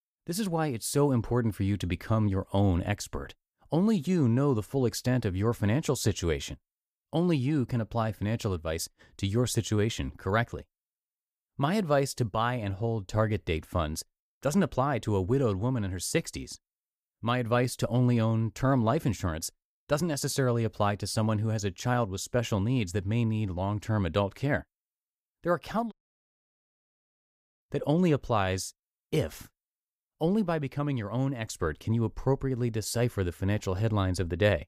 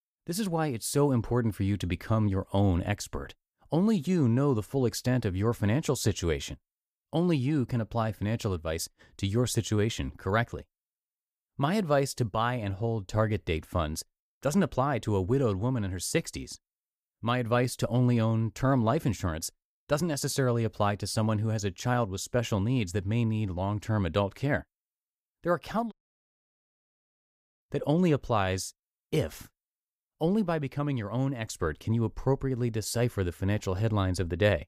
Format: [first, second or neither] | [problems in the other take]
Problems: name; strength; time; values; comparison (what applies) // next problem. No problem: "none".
neither | audio cutting out; at 26 s for 1.5 s; the same in both